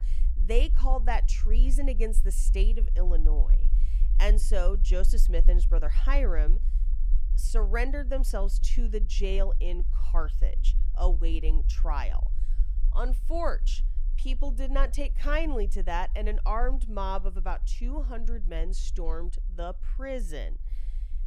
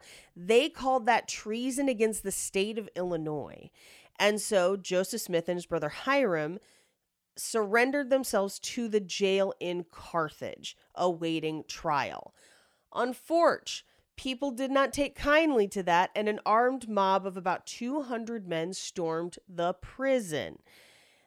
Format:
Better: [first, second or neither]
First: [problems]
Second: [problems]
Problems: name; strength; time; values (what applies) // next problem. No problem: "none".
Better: second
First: low rumble; noticeable; throughout; 20 dB below the speech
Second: none